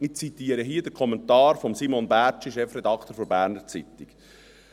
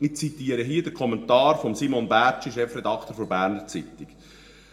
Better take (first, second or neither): first